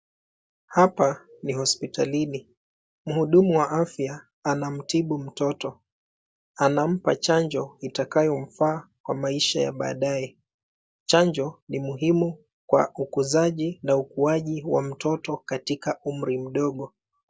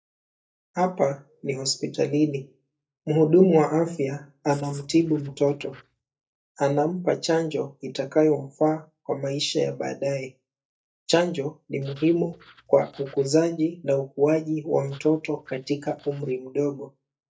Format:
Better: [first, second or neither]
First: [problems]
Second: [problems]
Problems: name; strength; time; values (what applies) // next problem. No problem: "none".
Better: first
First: none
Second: noise reduction (neural mask model DeepFilterNet 3)